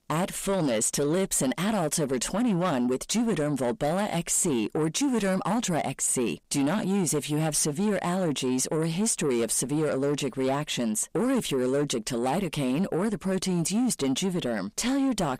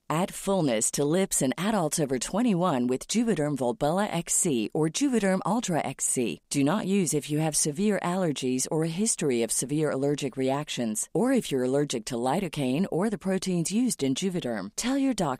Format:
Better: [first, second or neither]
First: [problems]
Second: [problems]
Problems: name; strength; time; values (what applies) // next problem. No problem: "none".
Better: second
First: distortion; slight; 10 dB below the speech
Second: none